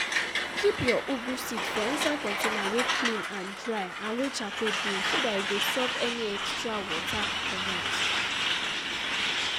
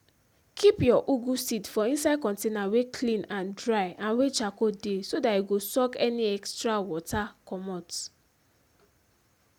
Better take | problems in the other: second | background sound (Truck); 3 dB above the speech

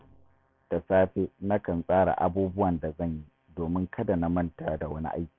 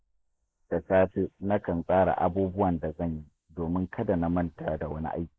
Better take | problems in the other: first | noise reduction (neural mask model Resemble Enhance denoiser)

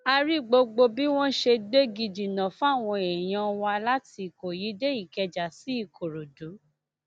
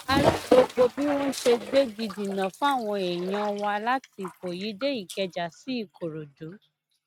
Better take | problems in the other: first | noise reduction (neural mask model RNNoise)

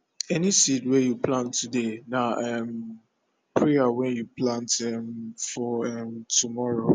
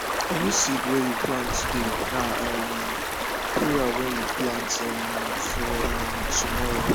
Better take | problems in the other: first | background sound (Stream); 2 dB above the speech

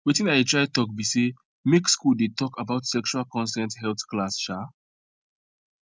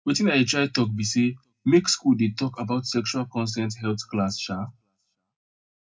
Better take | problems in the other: first | room echo; dies away in 0.2 s

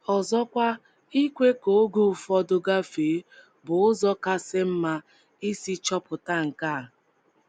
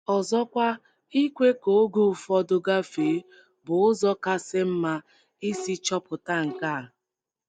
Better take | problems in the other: first | noise reduction (neural mask model DeepFilterNet 3)

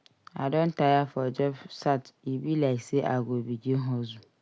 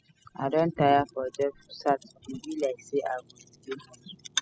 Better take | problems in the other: first | noise reduction (classical method spectral subtraction)

